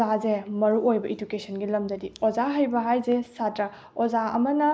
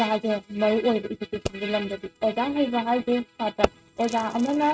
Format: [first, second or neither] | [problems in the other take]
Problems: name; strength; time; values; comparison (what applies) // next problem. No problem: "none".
first | noise reduction (neural mask model RNNoise)